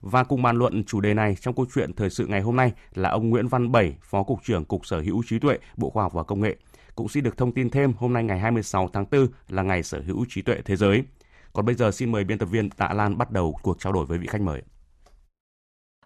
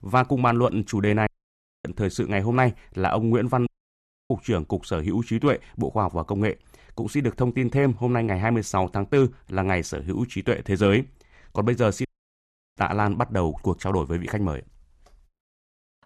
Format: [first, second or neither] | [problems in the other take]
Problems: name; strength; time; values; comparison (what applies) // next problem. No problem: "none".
first | audio cutting out; at 1.5 s for 0.5 s, at 3.5 s for 0.5 s and at 12 s for 0.5 s